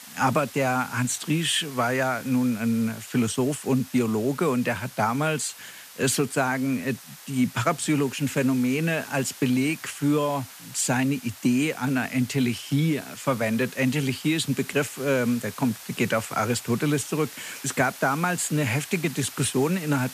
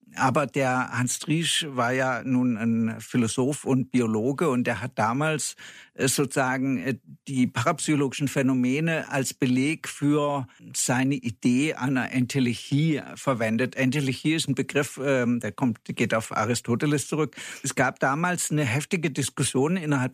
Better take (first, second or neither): second